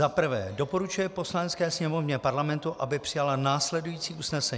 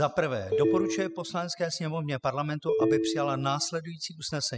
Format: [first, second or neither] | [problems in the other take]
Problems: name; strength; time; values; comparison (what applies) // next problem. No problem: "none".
first | noise reduction (classical method spectral subtraction)